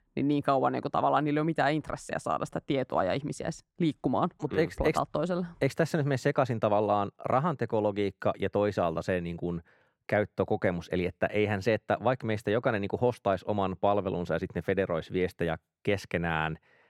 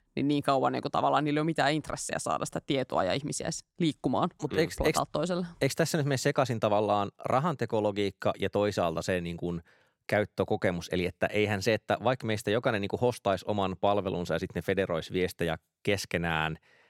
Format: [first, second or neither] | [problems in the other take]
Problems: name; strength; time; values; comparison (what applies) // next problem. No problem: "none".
second | muffled; slightly; fading above 3 kHz